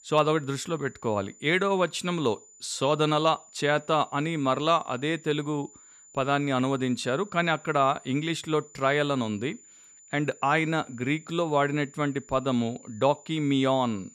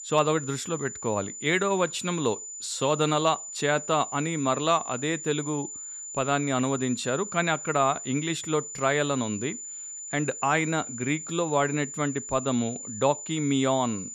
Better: first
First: high-pitched whine; faint; throughout; 7 kHz, 25 dB below the speech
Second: high-pitched whine; loud; throughout; 7 kHz, 9 dB below the speech

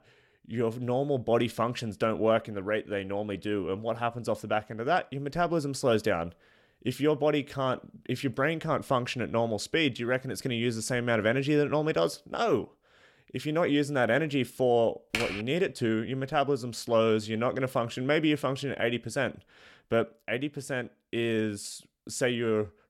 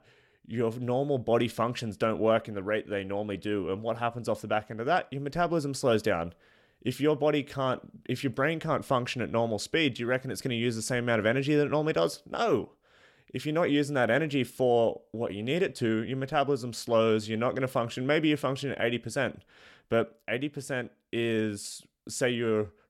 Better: second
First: keyboard typing; noticeable; at 15 s; peak 3 dB below the speech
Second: none

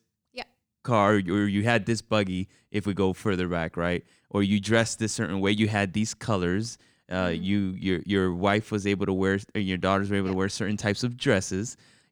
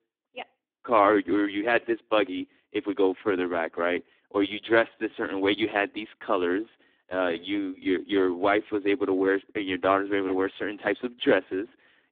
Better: first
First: none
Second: phone-call audio; poor line; nothing above 3.5 kHz

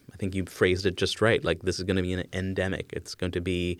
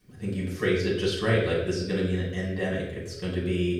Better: first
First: none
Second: room echo; noticeable; dies away in 0.7 s // off-mic speech; far

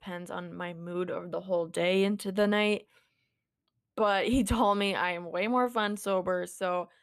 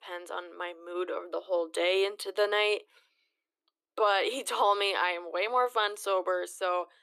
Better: first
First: none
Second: thin; very; fading below 300 Hz

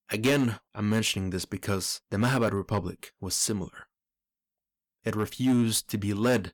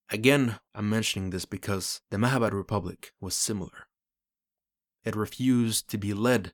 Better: second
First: distortion; slight; 4% of the sound clipped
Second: none

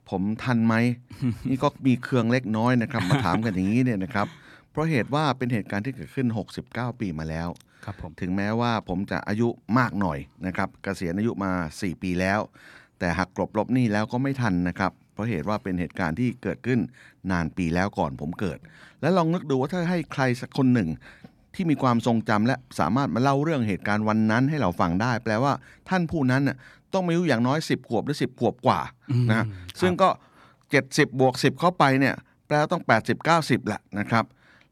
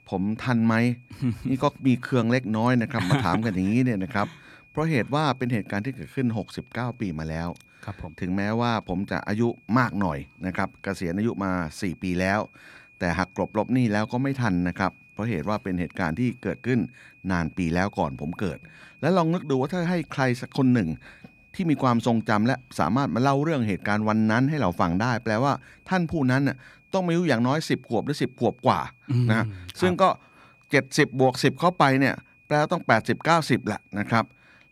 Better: first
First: none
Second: high-pitched whine; faint; throughout; 2.5 kHz, 30 dB below the speech

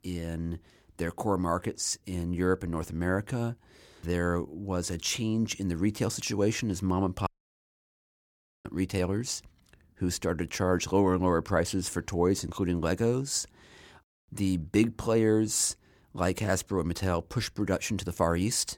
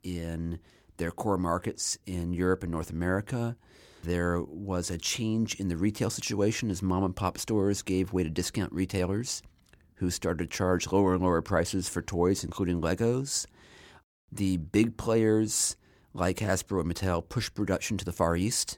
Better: second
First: audio cutting out; at 7.5 s for 1.5 s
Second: none

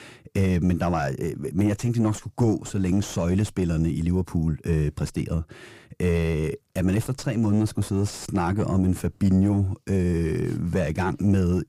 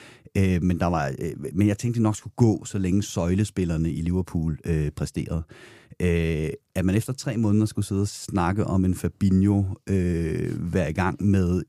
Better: second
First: distortion; slight; 10 dB below the speech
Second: none

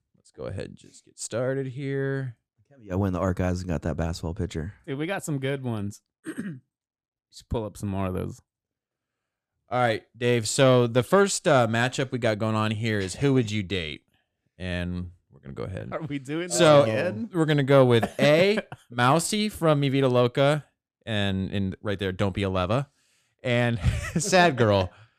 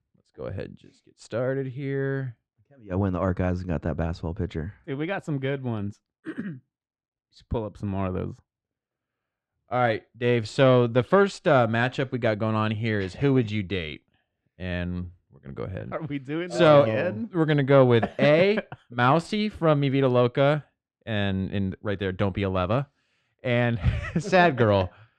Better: first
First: none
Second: muffled; slightly; fading above 3 kHz

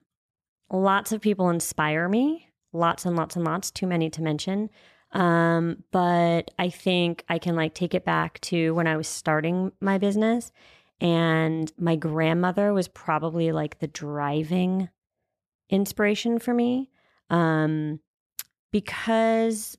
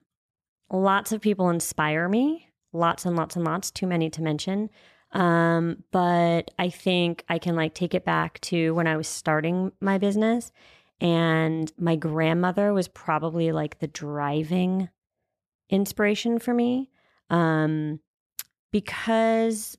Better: neither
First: none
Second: none

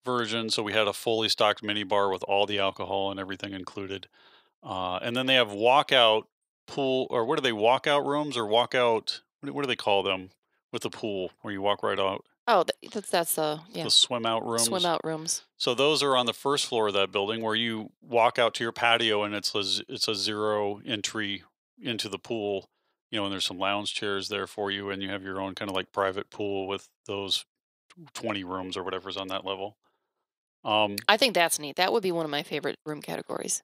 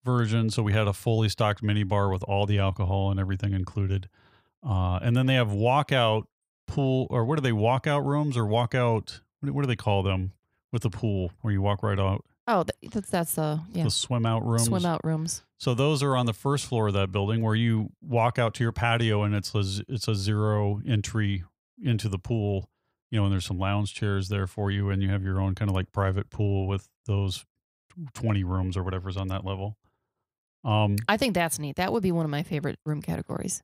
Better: second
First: thin; somewhat; fading below 400 Hz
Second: none

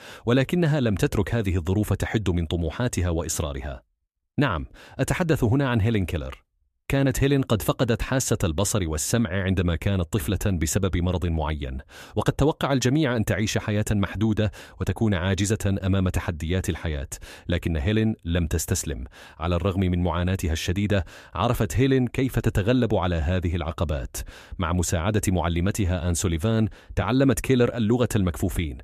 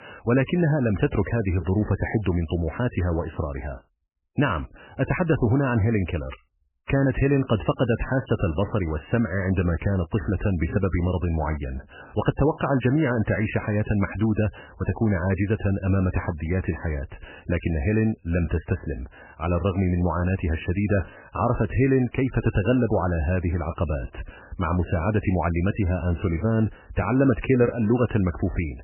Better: first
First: none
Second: garbled, watery; badly; nothing above 3 kHz

